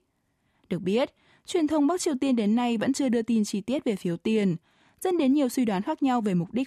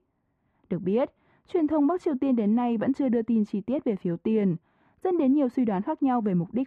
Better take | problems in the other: first | muffled; very; fading above 3.5 kHz

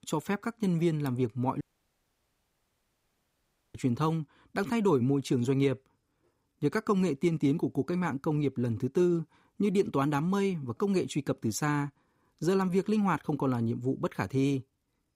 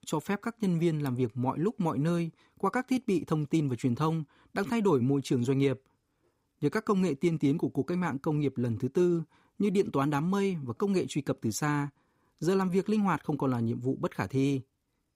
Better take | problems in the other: second | audio cutting out; at 1.5 s for 2 s

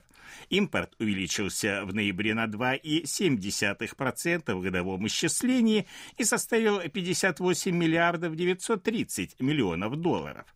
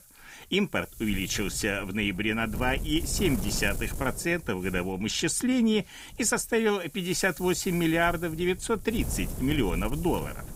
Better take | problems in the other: first | wind noise on the microphone; occasional gusts; 15 dB below the speech

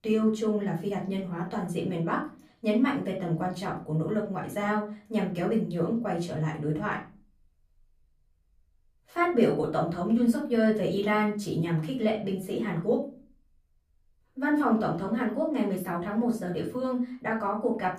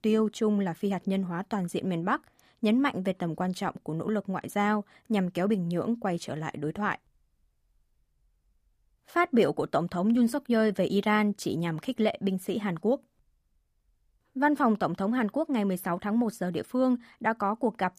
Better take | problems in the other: second | off-mic speech; far // room echo; slight; dies away in 0.3 s

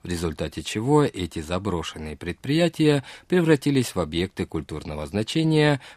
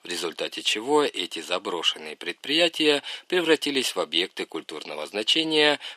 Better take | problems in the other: first | thin; somewhat; fading below 350 Hz

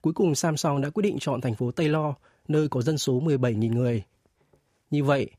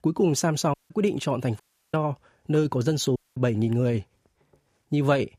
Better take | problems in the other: first | audio cutting out; at 0.5 s, at 1.5 s and at 3 s

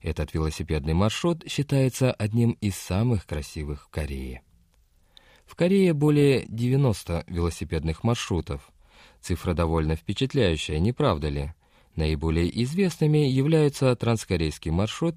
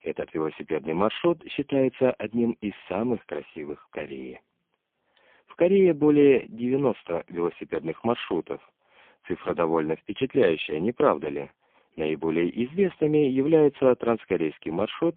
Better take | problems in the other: first | phone-call audio; poor line; nothing above 3.5 kHz

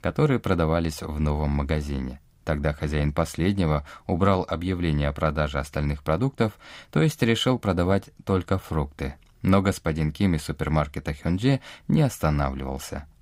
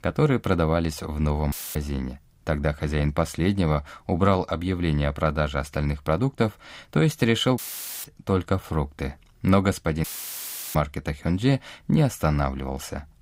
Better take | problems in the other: first | audio cutting out; filled with static; at 1.5 s, at 7.5 s and at 10 s for 0.5 s

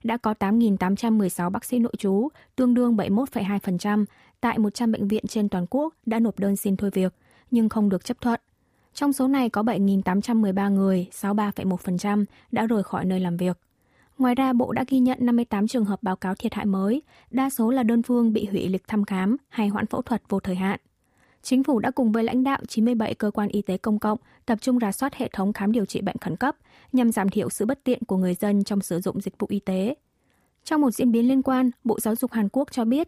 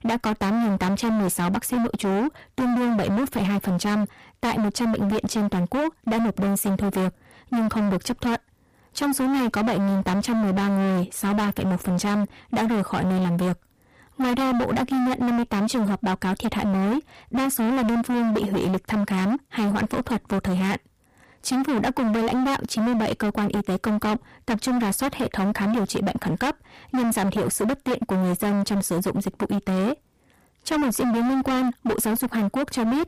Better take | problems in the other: first | distortion; heavy; 38% of the sound clipped

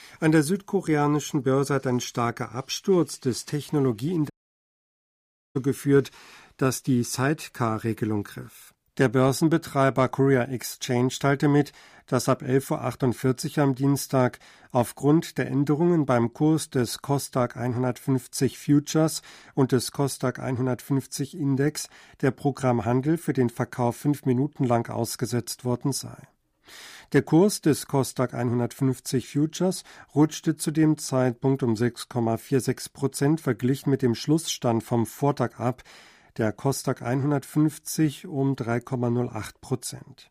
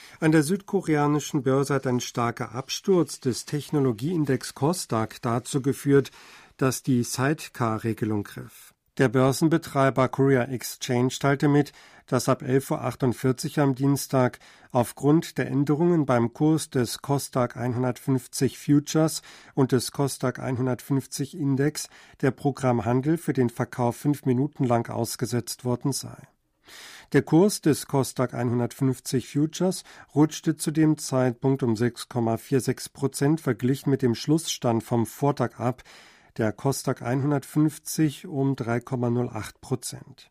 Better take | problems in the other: second | audio cutting out; at 4.5 s for 1.5 s

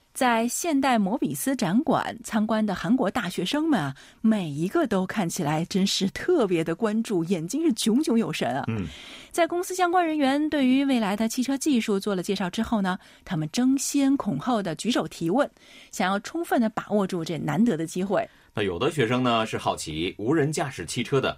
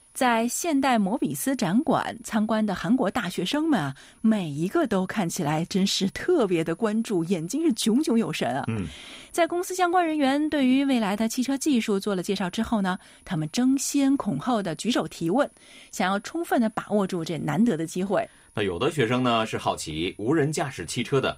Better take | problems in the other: first | high-pitched whine; faint; throughout; 10.5 kHz, 30 dB below the speech

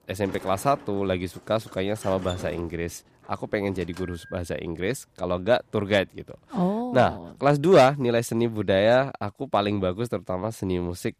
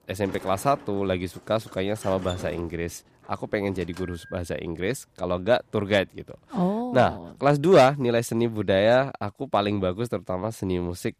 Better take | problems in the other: neither | door banging; faint; until 4.5 s; peak 15 dB below the speech; the same in both

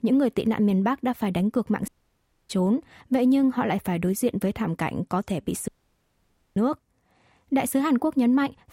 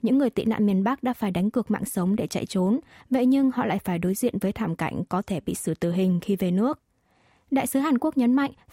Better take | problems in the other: second | audio cutting out; at 2 s for 0.5 s and at 5.5 s for 1 s

